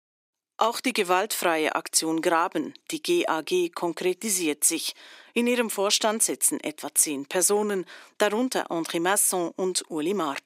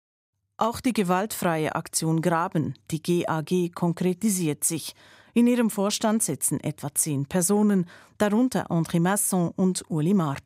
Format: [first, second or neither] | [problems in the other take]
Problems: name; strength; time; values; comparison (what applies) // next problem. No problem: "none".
second | thin; somewhat; fading below 300 Hz